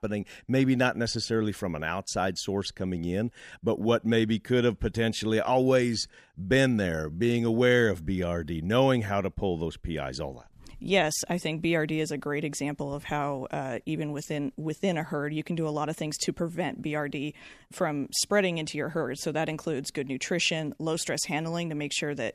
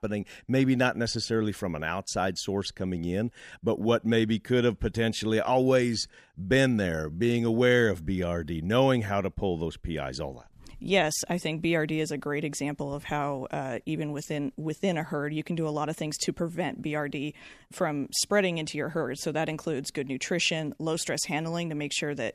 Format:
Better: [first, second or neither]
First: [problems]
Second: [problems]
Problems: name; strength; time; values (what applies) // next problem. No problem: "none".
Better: neither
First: none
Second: none